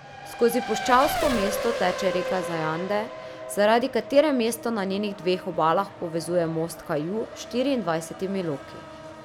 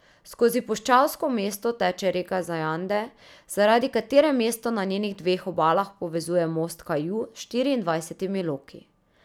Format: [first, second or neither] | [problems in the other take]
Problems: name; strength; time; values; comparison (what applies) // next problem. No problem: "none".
second | background sound (Race car, auto racing); 9 dB below the speech